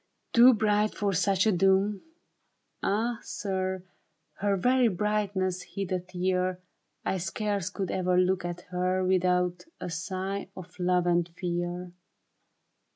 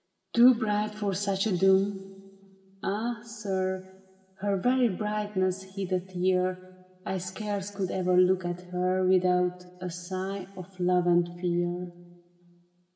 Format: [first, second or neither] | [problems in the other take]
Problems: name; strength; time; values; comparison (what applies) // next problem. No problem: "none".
first | room echo; dies away in 2.4 s